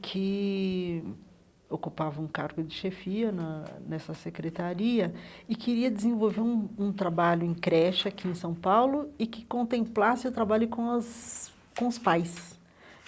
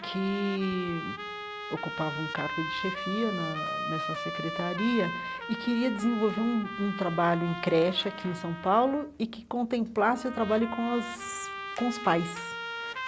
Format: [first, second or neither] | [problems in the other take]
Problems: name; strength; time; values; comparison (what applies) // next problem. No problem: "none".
first | background sound (Trumpet); 7 dB below the speech